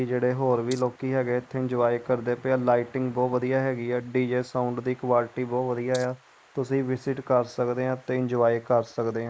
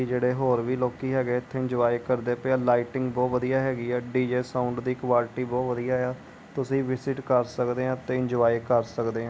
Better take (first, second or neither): second